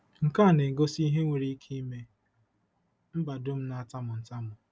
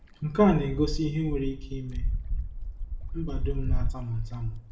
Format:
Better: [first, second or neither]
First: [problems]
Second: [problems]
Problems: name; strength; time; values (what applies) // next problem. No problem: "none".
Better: first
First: none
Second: background sound (Wind); 1 dB below the speech // room echo; dies away in 0.4 s